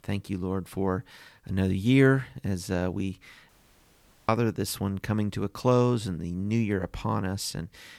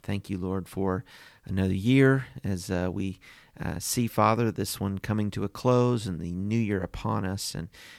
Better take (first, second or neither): second